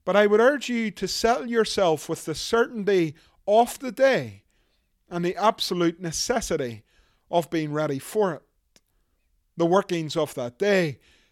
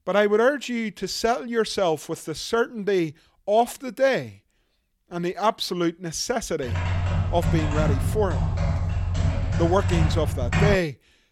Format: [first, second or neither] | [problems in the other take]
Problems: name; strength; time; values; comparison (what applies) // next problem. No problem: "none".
first | keyboard typing; loud; from 6.5 to 11 s; peak 3 dB above the speech